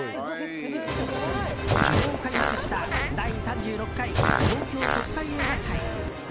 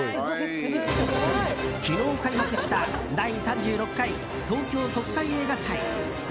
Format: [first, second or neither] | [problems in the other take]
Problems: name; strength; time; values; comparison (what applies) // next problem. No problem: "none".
second | background sound (Fart); 3 dB above the speech